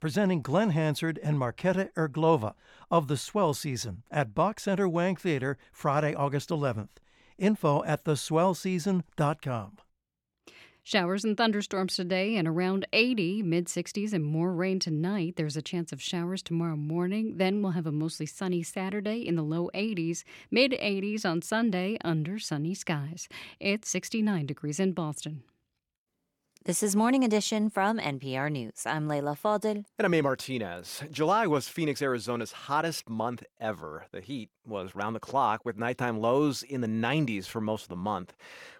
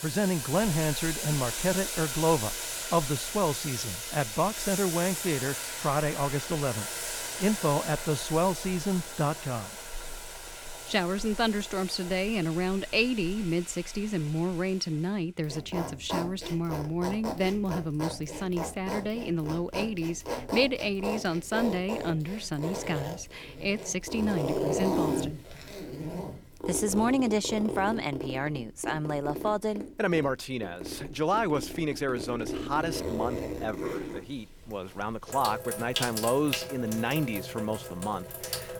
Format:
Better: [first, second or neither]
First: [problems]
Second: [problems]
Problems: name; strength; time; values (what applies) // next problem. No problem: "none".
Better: first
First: none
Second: household noises; loud; throughout; 5 dB below the speech